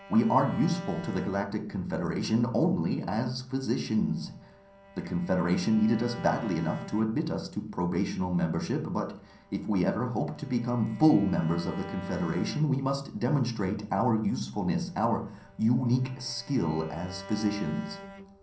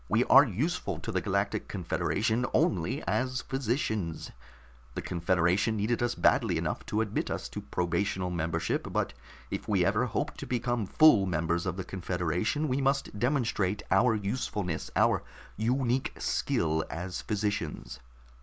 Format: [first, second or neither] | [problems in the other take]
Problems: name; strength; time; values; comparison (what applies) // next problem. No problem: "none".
second | background sound (Bowed string instrument); 19 dB below the speech // room echo; dies away in 0.6 s